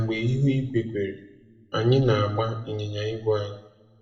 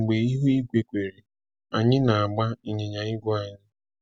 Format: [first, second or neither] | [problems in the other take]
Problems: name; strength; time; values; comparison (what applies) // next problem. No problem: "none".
second | room echo; dies away in 0.9 s